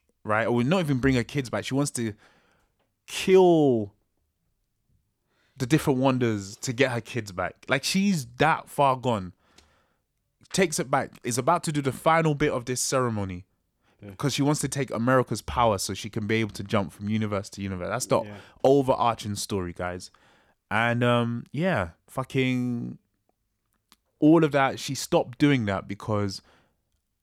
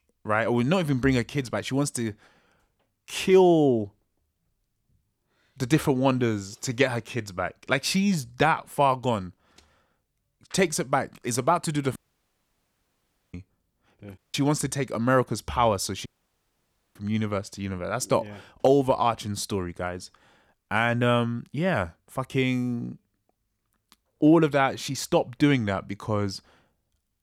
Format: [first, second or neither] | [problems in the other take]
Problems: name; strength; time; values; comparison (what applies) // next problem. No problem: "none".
first | audio cutting out; at 12 s for 1.5 s, at 14 s and at 16 s for 1 s